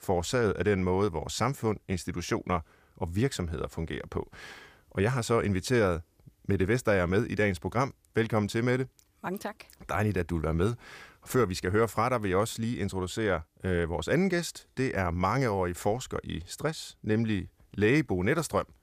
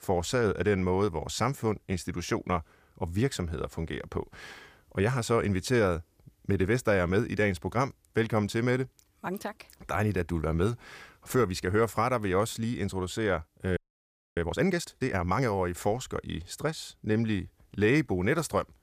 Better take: first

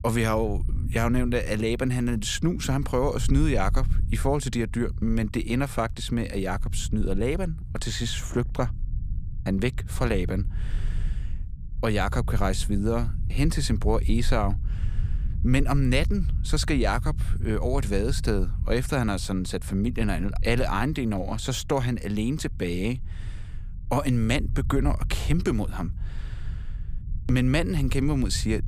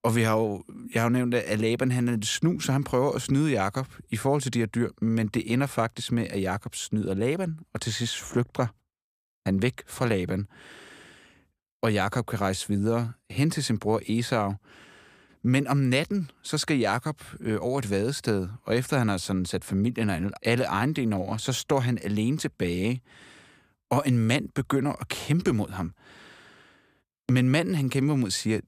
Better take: second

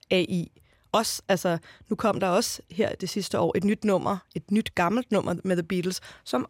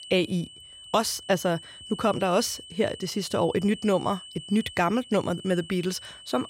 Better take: first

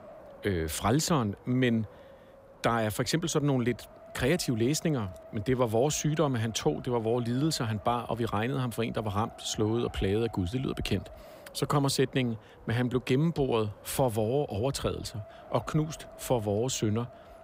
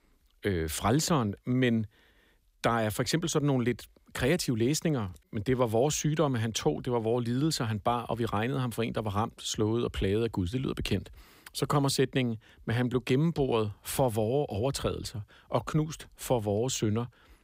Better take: second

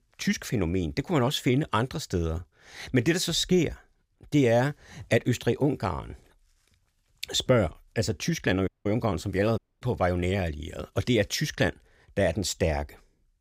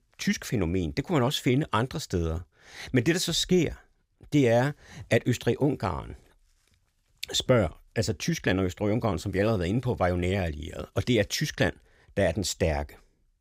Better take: second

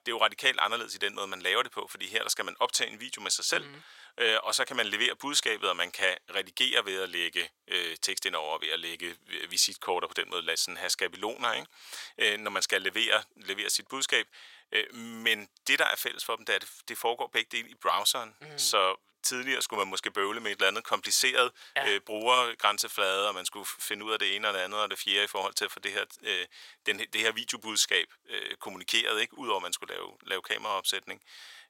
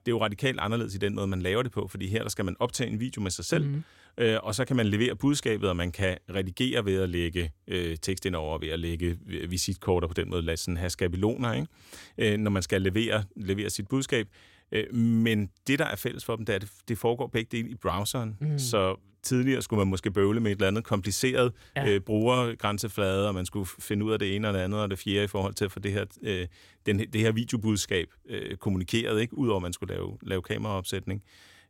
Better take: second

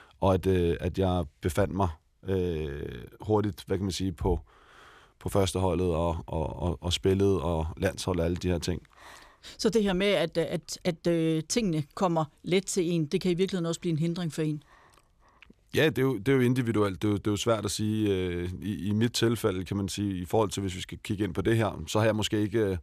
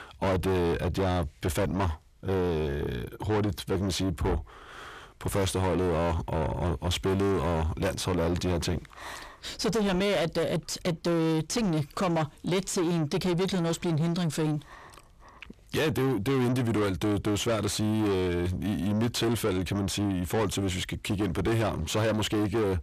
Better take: first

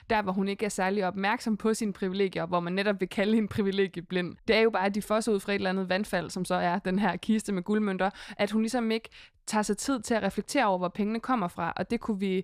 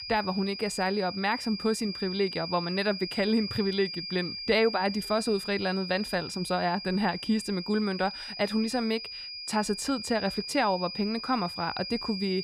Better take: first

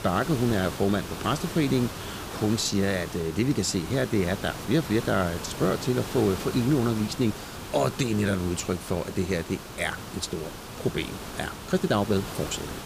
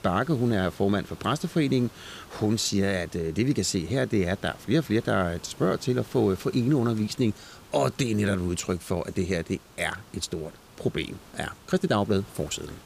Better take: second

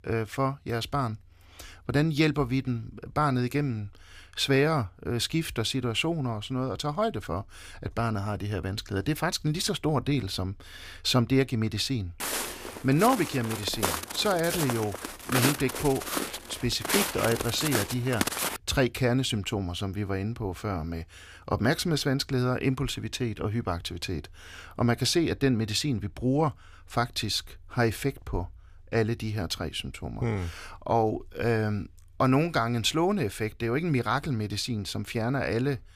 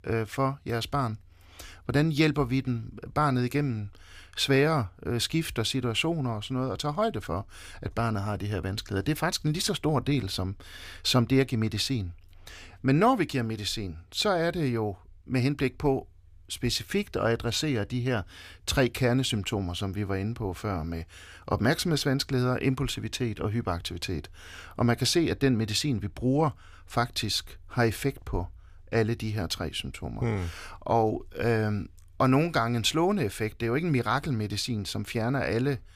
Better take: second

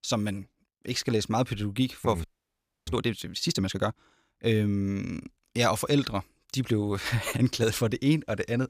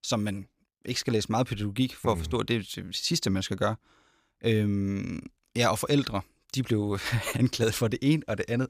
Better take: second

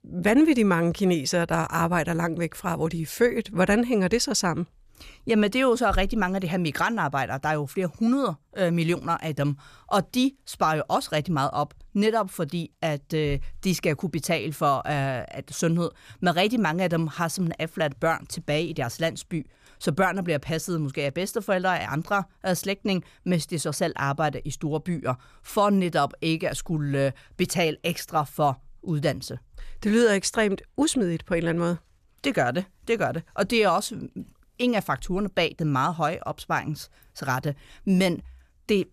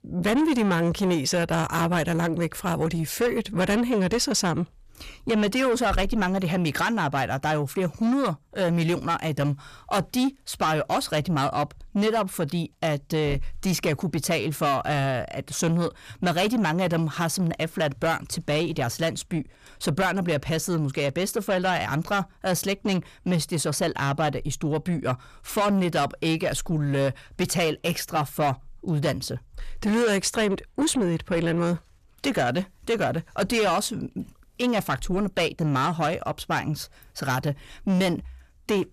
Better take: first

